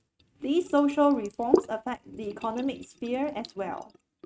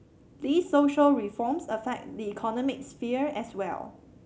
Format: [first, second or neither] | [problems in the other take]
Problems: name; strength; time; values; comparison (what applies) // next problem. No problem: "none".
second | noise reduction (neural mask model RNNoise)